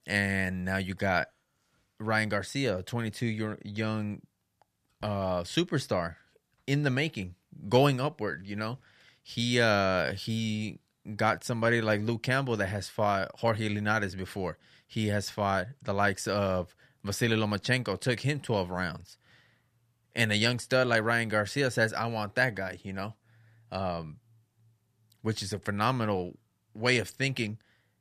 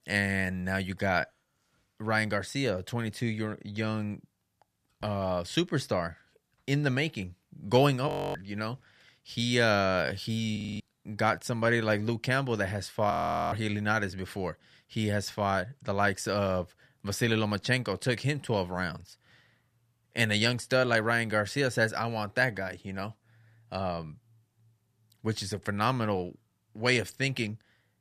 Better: first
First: none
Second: audio freezing; at 8 s, at 11 s and at 13 s

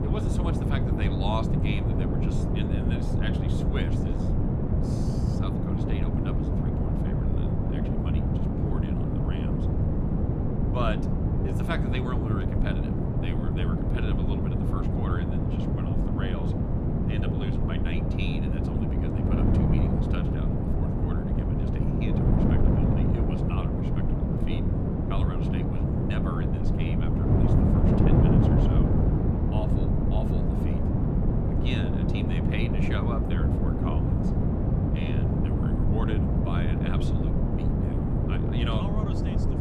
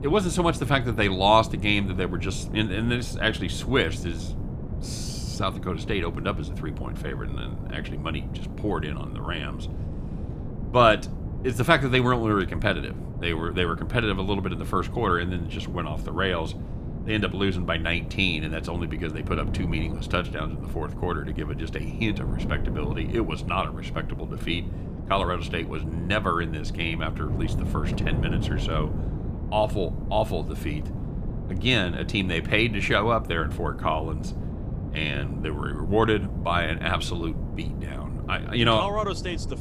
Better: second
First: wind noise on the microphone; heavy; 5 dB above the speech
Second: wind noise on the microphone; occasional gusts; 15 dB below the speech

